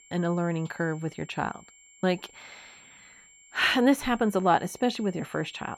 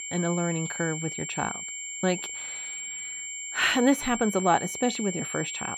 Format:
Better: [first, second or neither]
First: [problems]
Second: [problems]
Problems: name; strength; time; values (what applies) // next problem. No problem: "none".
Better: first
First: high-pitched whine; faint; throughout; 7.5 kHz, 25 dB below the speech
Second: high-pitched whine; loud; throughout; 7.5 kHz, 6 dB below the speech